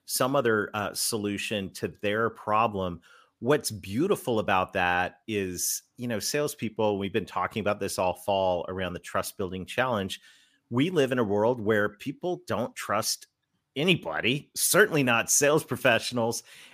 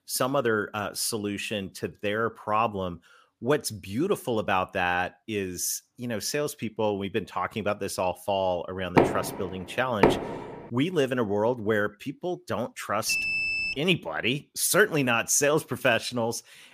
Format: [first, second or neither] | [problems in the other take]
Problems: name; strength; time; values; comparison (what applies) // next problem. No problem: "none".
first | door banging; loud; from 9 to 10 s; peak 4 dB above the speech // alarm; loud; at 13 s; peak 3 dB above the speech